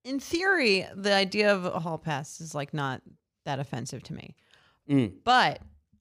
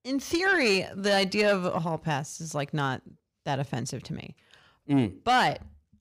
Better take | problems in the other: first | distortion; slight; 10 dB below the speech

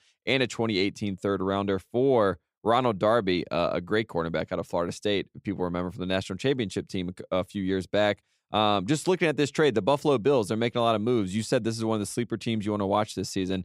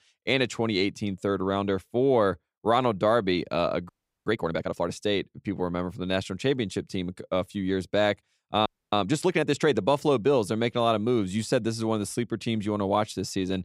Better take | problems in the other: first | audio freezing; at 4 s and at 8.5 s

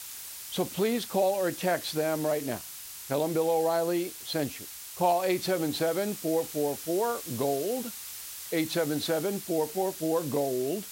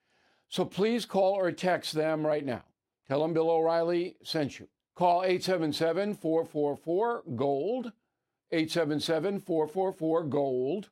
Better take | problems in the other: second | hiss; loud; throughout; 9 dB below the speech

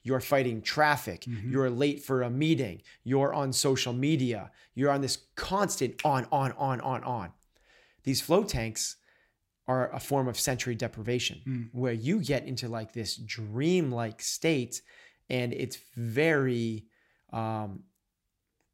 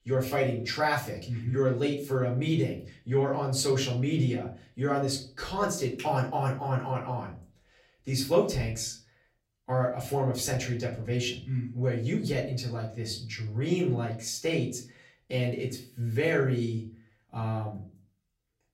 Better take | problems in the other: first | room echo; slight; dies away in 0.4 s // off-mic speech; far

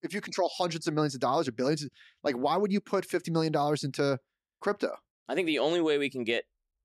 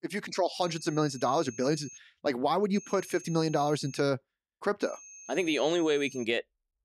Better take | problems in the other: first | high-pitched whine; noticeable; from 0.5 to 2 s, from 2.5 to 4 s and from 5 to 6 s; 6.5 kHz, 15 dB below the speech

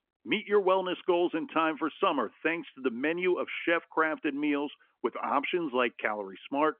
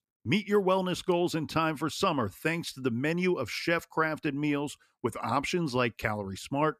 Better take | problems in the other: second | phone-call audio; nothing above 3 kHz

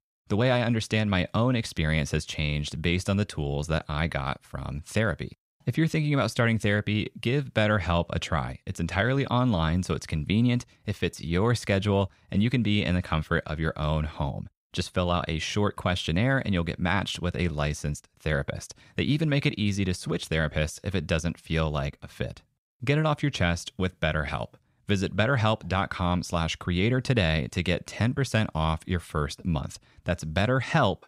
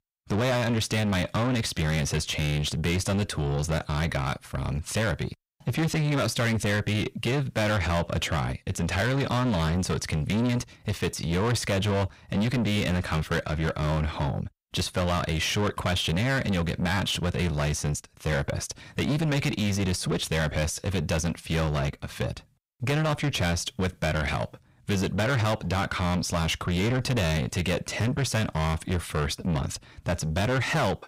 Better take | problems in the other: first | distortion; heavy; 7 dB below the speech

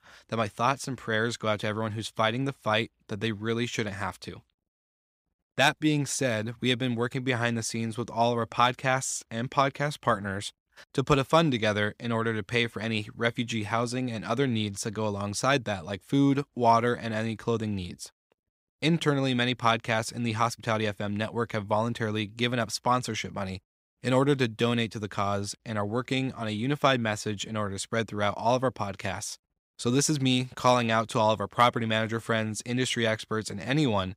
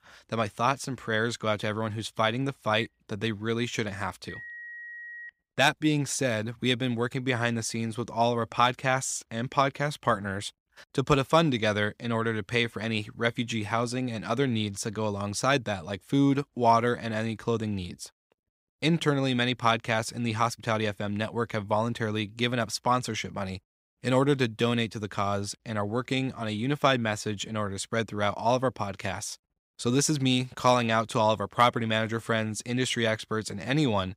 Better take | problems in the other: first | phone ringing; faint; from 3 to 5.5 s; peak 10 dB below the speech

